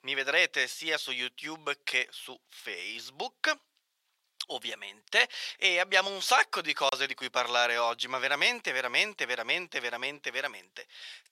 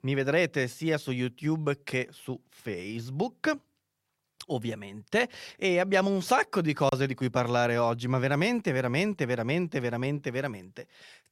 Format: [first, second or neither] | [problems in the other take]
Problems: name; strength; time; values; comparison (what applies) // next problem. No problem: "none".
second | thin; very; fading below 800 Hz